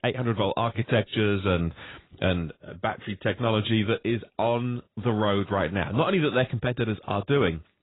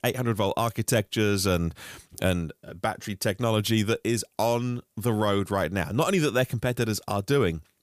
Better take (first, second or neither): second